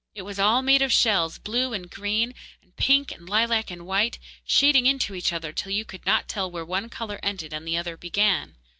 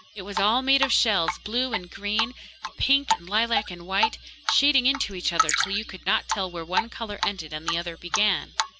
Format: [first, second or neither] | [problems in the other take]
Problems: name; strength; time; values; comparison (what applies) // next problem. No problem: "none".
first | background sound (Drip); 4 dB below the speech